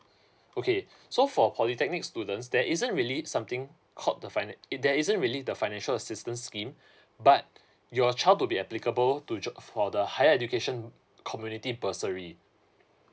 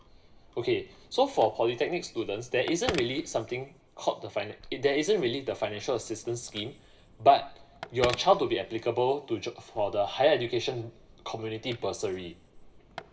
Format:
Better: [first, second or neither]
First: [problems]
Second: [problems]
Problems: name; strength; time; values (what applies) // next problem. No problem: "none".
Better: first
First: none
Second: background sound (Telephone); 16 dB below the speech // room echo; dies away in 0.7 s